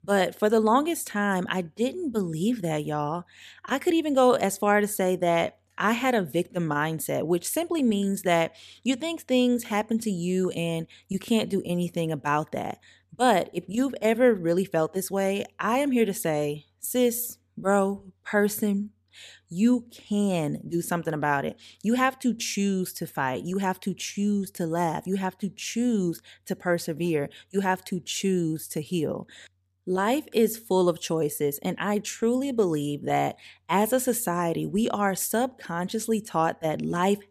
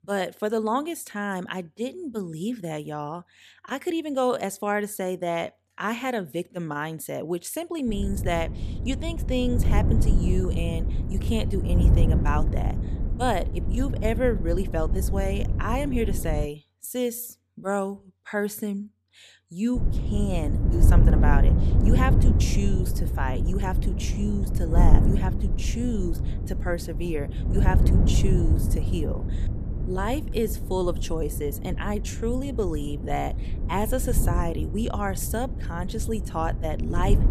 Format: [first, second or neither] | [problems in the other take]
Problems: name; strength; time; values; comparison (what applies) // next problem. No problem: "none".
first | wind noise on the microphone; heavy; from 8 to 16 s and from 20 s on; 8 dB below the speech